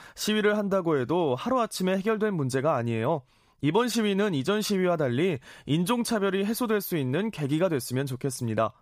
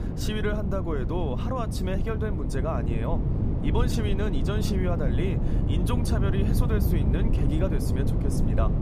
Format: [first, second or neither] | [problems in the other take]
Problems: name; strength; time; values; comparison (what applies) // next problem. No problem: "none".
first | wind noise on the microphone; heavy; 3 dB below the speech